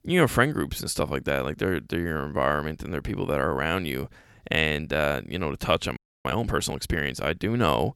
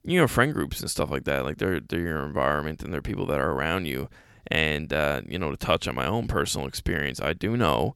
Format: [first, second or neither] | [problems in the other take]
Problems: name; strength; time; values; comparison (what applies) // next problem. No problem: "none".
second | audio freezing; at 6 s